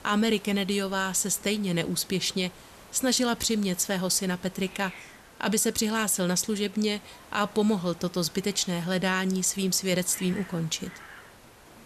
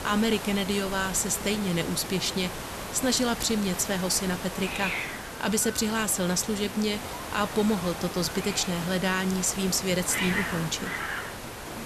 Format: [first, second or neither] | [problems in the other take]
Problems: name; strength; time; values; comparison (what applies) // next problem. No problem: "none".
first | hiss; loud; throughout; 7 dB below the speech; faint in the first